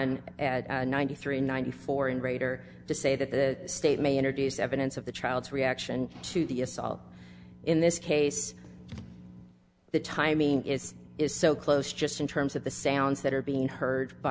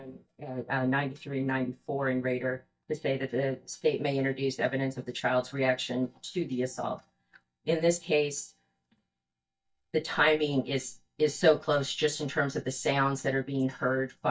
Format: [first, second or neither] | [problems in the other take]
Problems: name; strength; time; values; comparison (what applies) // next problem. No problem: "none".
first | noise reduction (neural mask model DeepFilterNet 3)